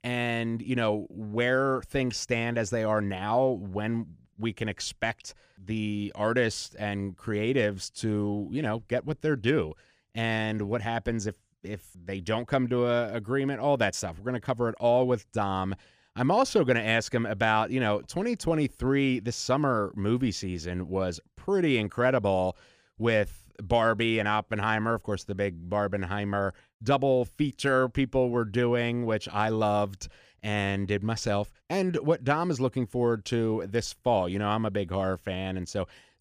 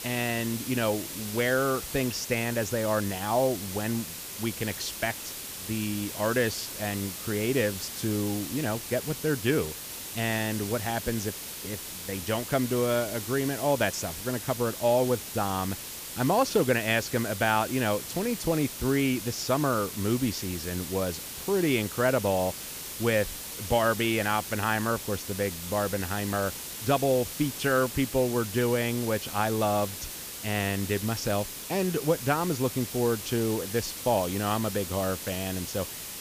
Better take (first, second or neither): first